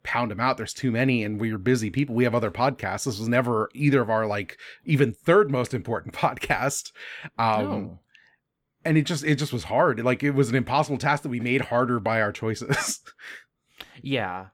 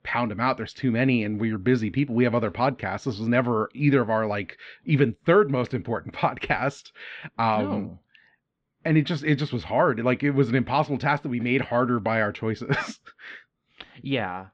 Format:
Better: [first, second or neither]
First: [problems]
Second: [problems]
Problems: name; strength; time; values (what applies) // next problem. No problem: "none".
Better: first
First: none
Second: muffled; slightly; fading above 4.5 kHz